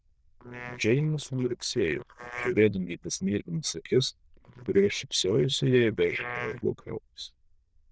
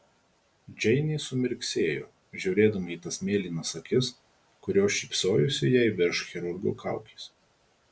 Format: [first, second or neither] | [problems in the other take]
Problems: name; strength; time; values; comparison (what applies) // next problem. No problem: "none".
second | noise reduction (neural diffusion model UNIVERSE++)